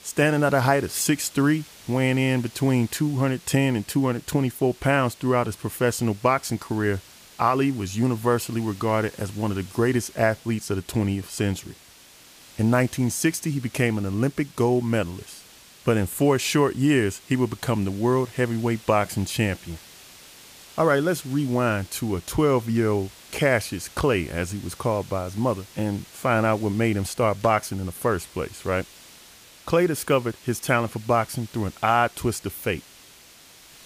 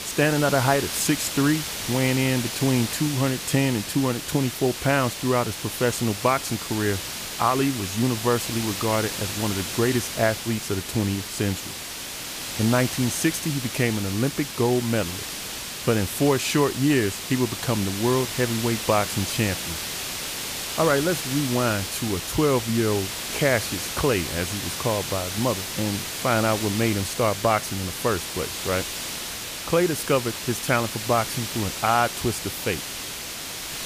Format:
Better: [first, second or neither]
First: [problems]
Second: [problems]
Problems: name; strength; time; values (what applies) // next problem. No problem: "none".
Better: first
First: hiss; faint; throughout; 20 dB below the speech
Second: hiss; loud; throughout; 5 dB below the speech